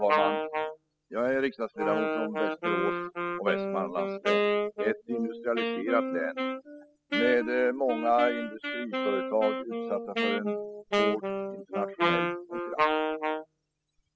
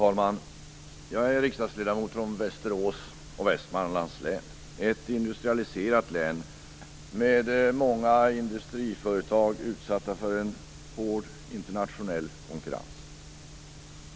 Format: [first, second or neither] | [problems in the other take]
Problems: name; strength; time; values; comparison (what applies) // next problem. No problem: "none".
second | noise reduction (classical method spectral subtraction)